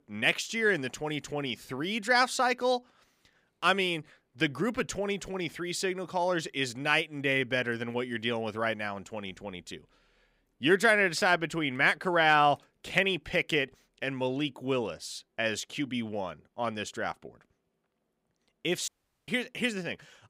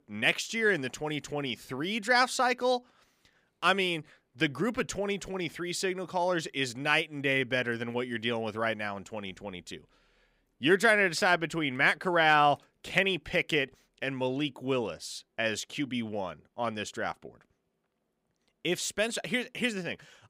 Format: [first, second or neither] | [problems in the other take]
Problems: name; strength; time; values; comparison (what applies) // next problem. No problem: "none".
second | audio cutting out; at 19 s